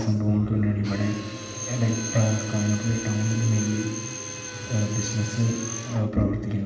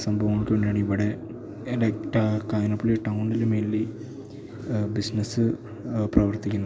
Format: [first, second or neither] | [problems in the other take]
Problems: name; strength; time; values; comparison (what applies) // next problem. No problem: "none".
second | background sound (Drill); 11 dB below the speech // room echo; dies away in 1 s